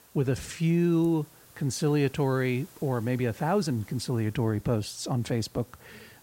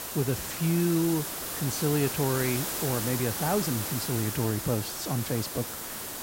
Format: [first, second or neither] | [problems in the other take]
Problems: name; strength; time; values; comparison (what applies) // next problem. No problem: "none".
first | hiss; loud; throughout; 3 dB below the speech; faint in the first